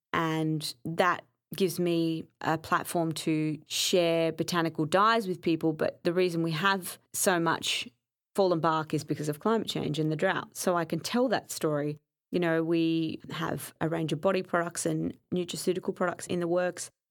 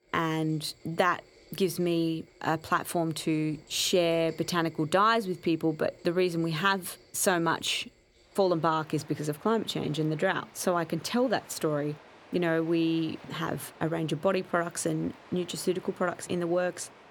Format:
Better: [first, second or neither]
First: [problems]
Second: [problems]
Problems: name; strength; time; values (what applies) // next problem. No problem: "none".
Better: first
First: none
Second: rain or running water; faint; throughout; 25 dB below the speech